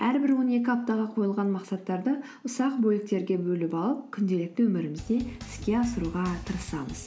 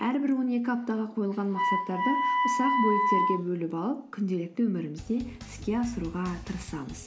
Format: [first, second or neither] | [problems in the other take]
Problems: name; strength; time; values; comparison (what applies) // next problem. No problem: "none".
first | background sound (Wind instrument, woodwind instrument); 1 dB above the speech